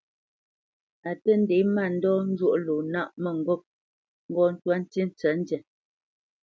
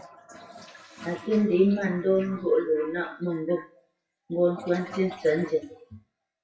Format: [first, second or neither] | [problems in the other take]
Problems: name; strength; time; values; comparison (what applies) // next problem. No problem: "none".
first | noise reduction (classical method WPE with log-MMSE)